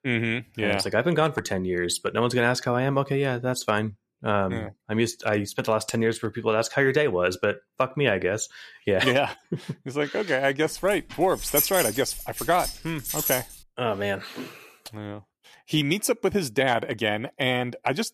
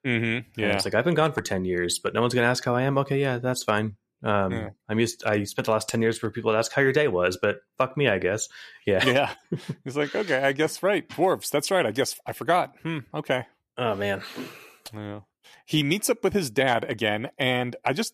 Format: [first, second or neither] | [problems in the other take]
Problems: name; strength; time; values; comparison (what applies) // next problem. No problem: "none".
second | jangling keys; loud; from 11 to 13 s; peak 2 dB above the speech